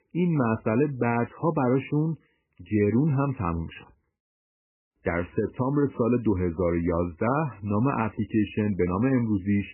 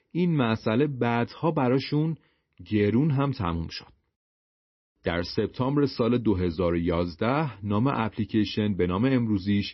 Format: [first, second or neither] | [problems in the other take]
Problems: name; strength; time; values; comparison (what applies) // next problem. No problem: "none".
second | garbled, watery; badly; nothing above 3 kHz; slightly in the second